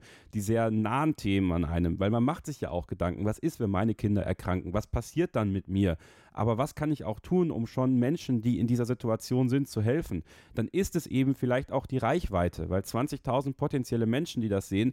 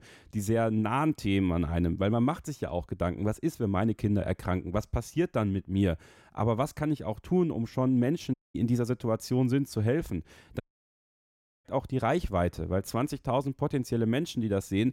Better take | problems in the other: first | audio cutting out; at 8.5 s and at 11 s for 1 s

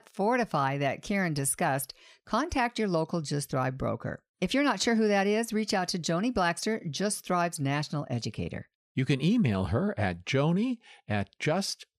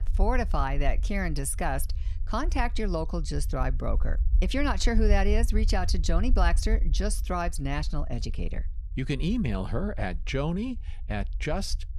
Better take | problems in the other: first | low rumble; faint; throughout; 20 dB below the speech

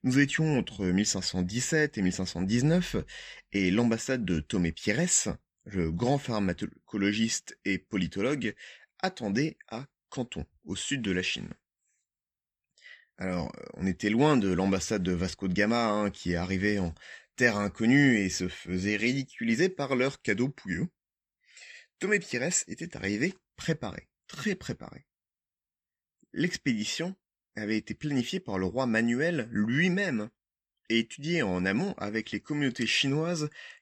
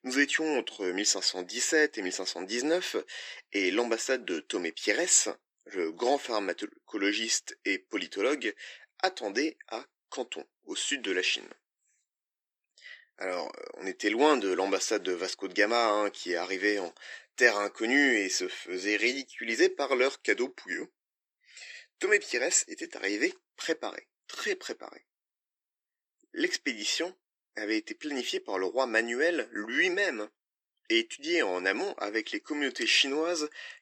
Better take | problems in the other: first | thin; somewhat; fading below 300 Hz

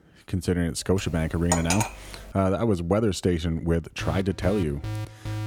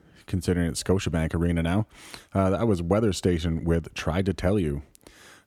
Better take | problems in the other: second | clattering dishes; loud; at 1 s; peak level with the speech // alarm; noticeable; from 4 s on; peak 8 dB below the speech

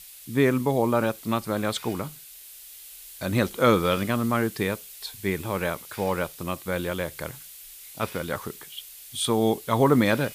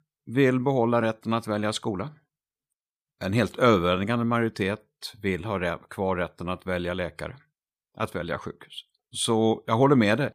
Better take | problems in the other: second | hiss; noticeable; throughout; 15 dB below the speech

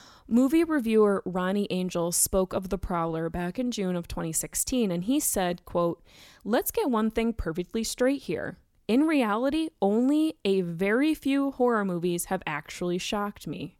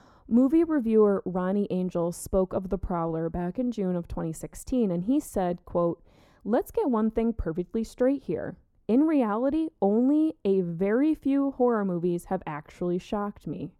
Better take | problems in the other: first | muffled; very; fading above 1.5 kHz

